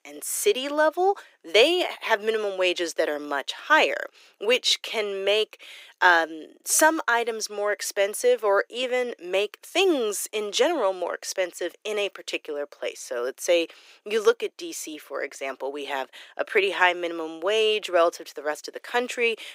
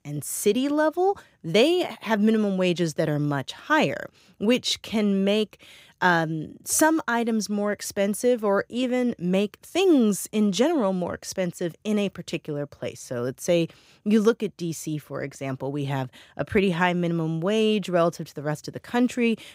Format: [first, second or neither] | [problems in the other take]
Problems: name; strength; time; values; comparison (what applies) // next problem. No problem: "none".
second | thin; very; fading below 350 Hz